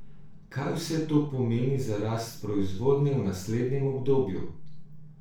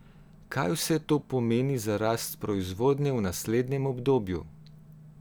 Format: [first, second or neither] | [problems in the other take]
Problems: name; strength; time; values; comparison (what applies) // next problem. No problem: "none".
second | room echo; dies away in 0.4 s